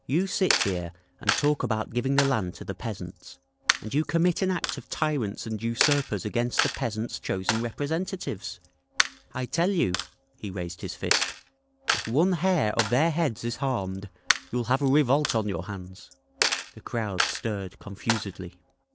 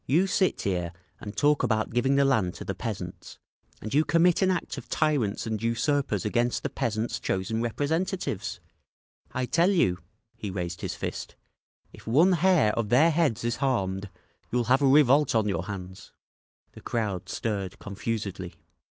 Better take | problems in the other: second | background sound (Coin (dropping)); 5 dB below the speech

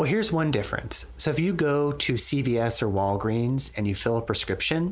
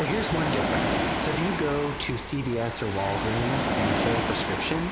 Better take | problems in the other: first | background sound (Ocean); 1 dB above the speech

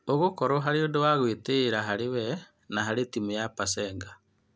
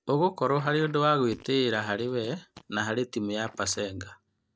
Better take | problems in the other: first | noise reduction (neural mask model DeepFilterNet 3)

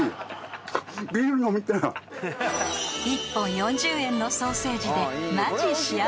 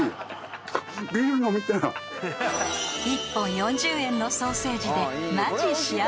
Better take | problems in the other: first | background sound (Trumpet); 16 dB below the speech

